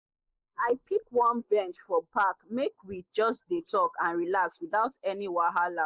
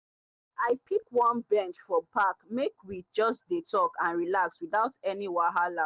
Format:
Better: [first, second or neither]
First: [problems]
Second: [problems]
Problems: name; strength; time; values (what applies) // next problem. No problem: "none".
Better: second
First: noise reduction (neural mask model Resemble Enhance denoiser)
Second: none